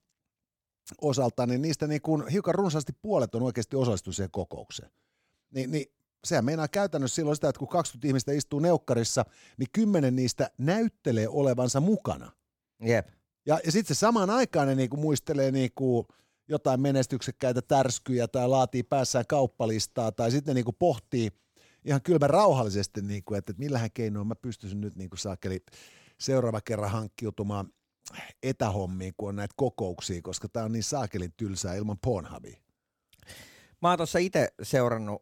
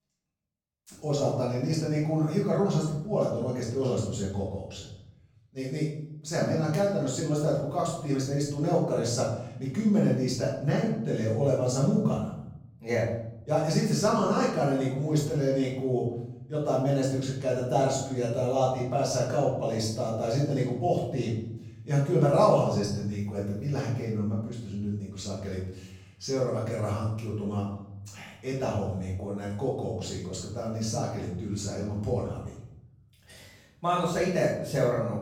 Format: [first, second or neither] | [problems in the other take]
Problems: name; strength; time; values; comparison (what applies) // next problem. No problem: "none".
first | off-mic speech; far // room echo; noticeable; dies away in 0.8 s